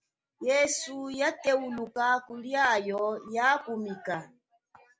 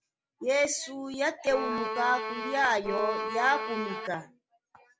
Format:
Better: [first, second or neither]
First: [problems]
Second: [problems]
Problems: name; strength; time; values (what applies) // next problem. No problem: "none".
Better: first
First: none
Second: background sound (Bowed string instrument); 3 dB below the speech